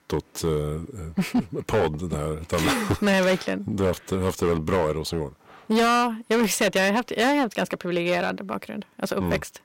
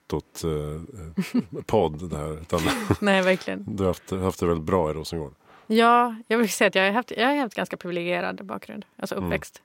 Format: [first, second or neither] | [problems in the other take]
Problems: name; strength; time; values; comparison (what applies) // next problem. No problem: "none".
second | distortion; heavy; 9% of the sound clipped